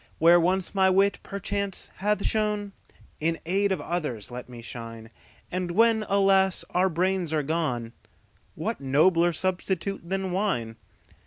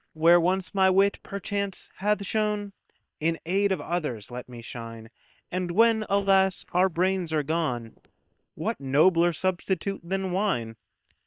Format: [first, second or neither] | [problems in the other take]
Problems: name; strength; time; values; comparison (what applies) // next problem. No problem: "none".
first | noise reduction (neural separator model SepFormer WHAM!)